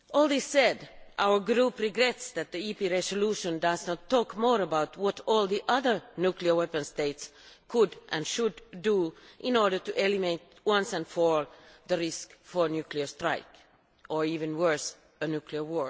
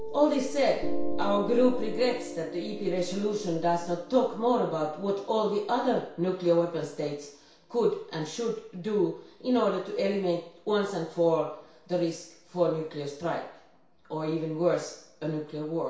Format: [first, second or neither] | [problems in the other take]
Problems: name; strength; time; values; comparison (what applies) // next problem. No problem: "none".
first | background sound (Piano); 8 dB below the speech // room echo; dies away in 0.6 s